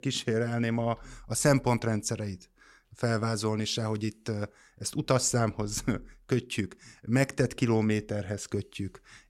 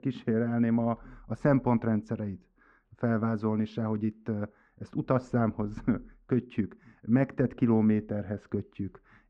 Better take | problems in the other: first | muffled; very; fading above 1.5 kHz

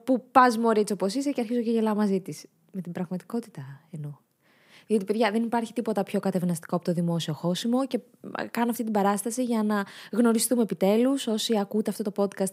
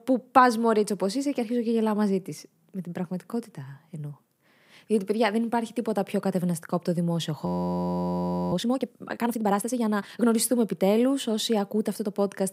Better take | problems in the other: first | audio freezing; at 7.5 s for 1 s

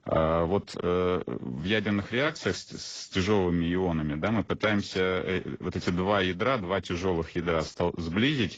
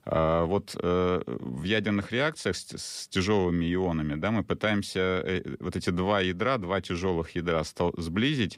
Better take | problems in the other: second | garbled, watery; badly; nothing above 7.5 kHz

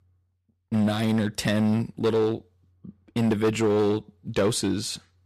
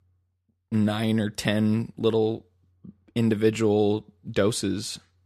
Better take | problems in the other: second | distortion; slight; 7% of the sound clipped

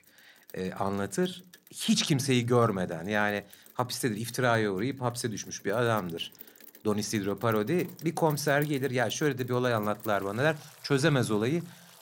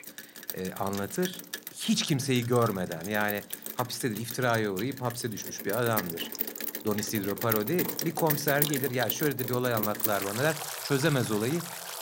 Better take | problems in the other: first | rain or running water; loud; throughout; 4 dB below the speech; faint in the first

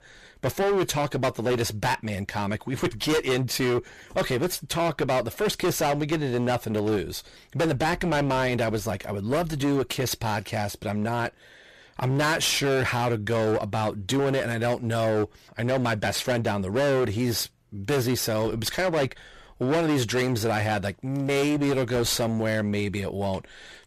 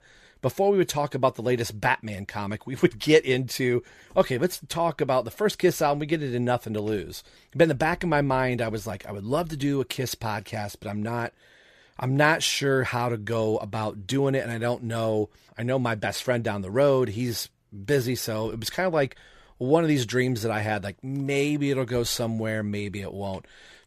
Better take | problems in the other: second | distortion; heavy; 21% of the sound clipped

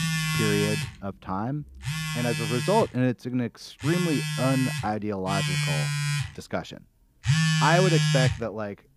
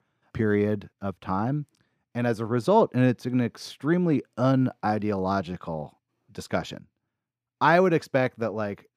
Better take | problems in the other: second | alarms or sirens; very loud; throughout; 1 dB above the speech

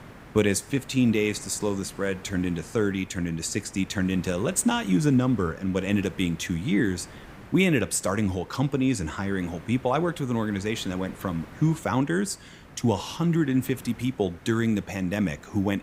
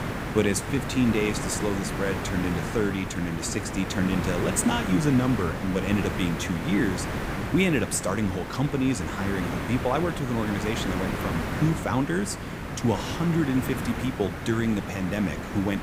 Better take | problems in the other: first | hiss; loud; throughout; 5 dB below the speech; faint in the first

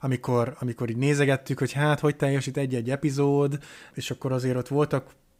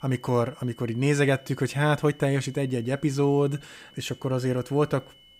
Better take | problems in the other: first | high-pitched whine; faint; throughout; 3 kHz, 25 dB below the speech

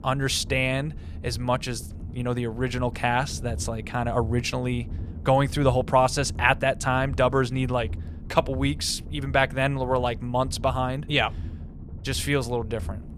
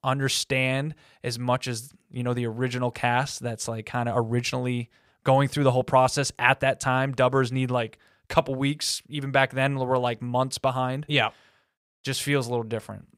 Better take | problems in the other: second | low rumble; faint; throughout; 25 dB below the speech

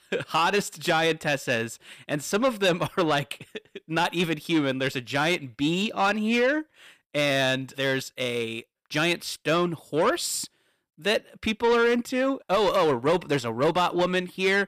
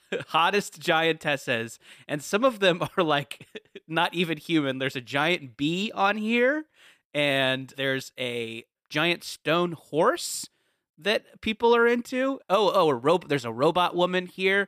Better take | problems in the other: second | distortion; slight; 10 dB below the speech

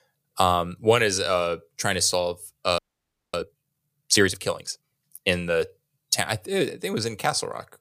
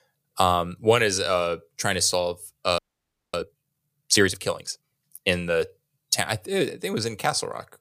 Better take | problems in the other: neither | audio freezing; at 3 s for 0.5 s; the same in both

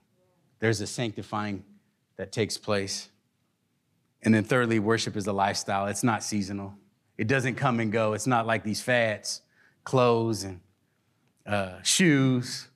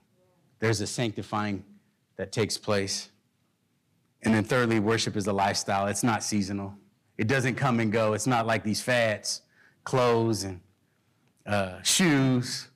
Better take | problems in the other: first | distortion; slight; 5% of the sound clipped

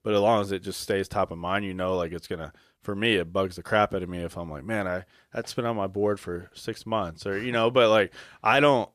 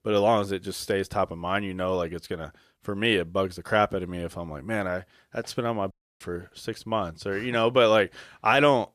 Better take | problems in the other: first | audio cutting out; at 6 s

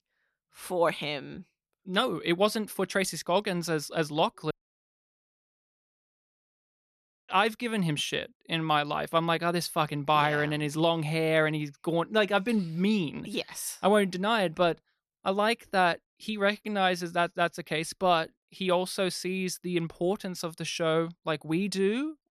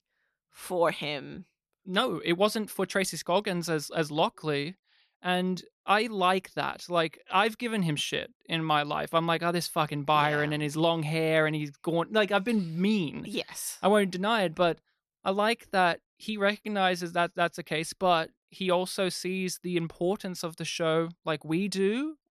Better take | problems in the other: second | audio cutting out; at 4.5 s for 3 s

